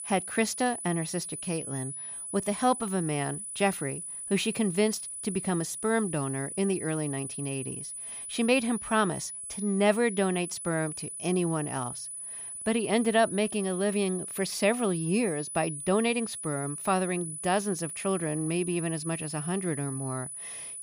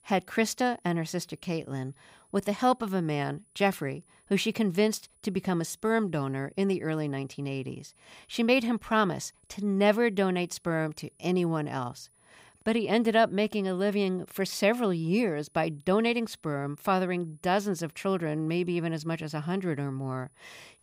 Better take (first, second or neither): second